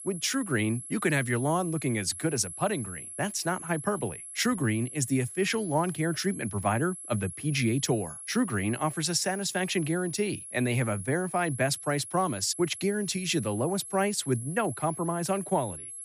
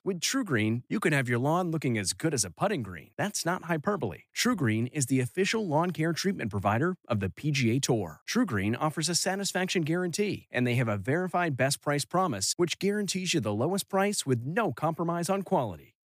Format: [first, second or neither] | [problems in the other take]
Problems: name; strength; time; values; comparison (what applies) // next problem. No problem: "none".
second | high-pitched whine; noticeable; throughout; 11 kHz, 10 dB below the speech